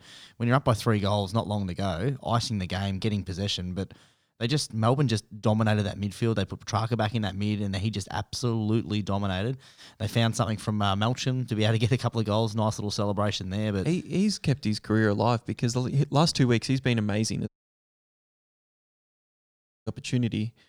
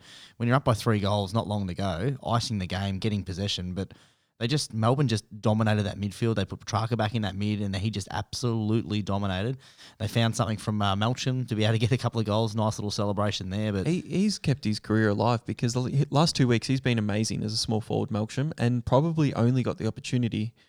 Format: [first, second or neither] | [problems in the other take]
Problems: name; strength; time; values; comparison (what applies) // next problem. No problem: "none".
second | audio cutting out; at 17 s for 2.5 s